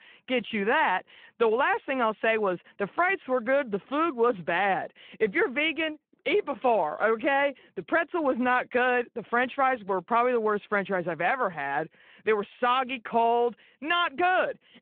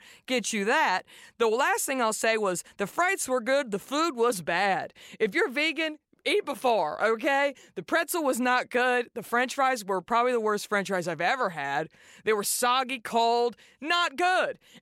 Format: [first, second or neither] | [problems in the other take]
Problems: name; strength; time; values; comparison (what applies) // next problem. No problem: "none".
second | phone-call audio